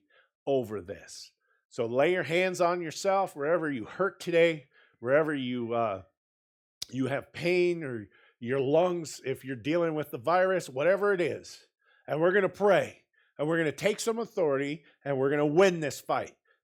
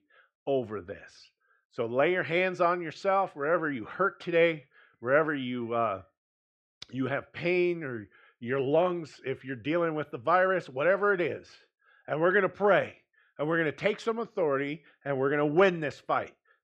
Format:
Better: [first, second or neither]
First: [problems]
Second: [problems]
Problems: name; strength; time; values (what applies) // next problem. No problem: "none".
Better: first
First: none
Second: muffled; slightly; fading above 3 kHz